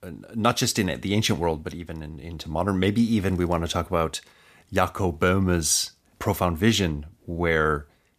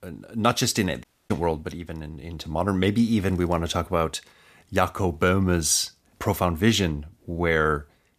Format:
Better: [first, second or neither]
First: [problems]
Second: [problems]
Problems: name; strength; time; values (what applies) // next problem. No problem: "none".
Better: first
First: none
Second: audio cutting out; at 1 s